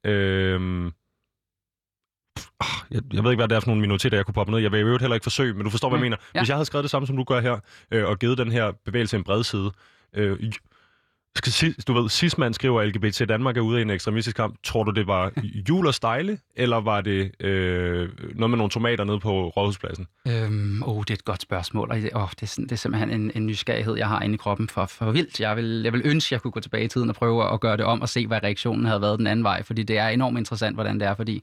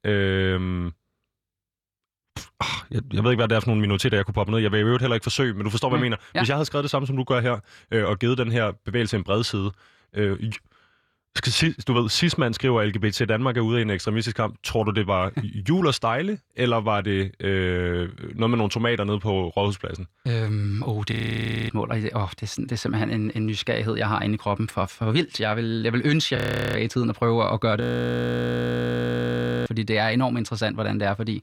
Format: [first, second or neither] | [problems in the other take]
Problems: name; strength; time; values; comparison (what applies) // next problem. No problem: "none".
first | audio freezing; at 21 s for 0.5 s, at 26 s and at 28 s for 2 s